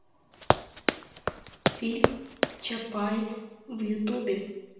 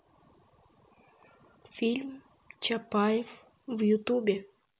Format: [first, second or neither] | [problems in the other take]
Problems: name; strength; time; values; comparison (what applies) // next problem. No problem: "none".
second | background sound (Run); 5 dB above the speech // room echo; dies away in 0.9 s